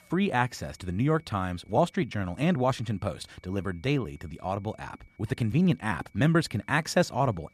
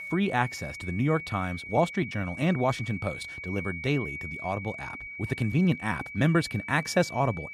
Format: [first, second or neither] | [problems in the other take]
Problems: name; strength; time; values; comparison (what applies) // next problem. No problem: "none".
first | high-pitched whine; loud; throughout; 2.5 kHz, 9 dB below the speech; faint in the first